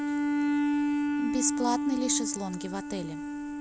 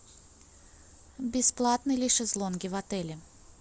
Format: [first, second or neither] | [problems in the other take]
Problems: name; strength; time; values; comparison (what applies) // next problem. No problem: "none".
second | background sound (Bowed string instrument); 4 dB above the speech